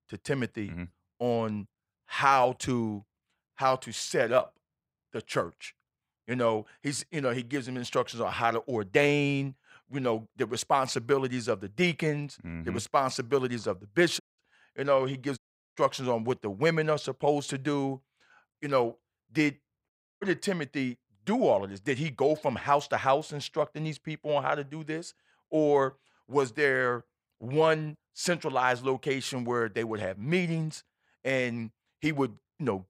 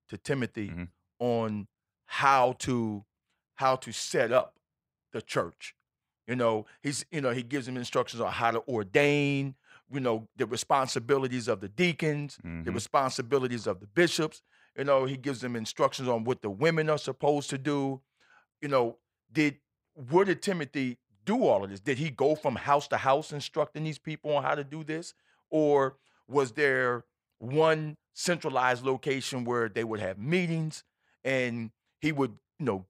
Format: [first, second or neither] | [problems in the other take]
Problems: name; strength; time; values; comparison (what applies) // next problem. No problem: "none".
second | audio cutting out; at 14 s, at 15 s and at 20 s